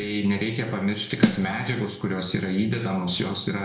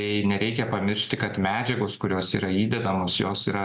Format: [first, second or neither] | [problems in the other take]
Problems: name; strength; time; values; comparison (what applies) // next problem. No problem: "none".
second | background sound (Snare drum); 4 dB below the speech // room echo; dies away in 0.8 s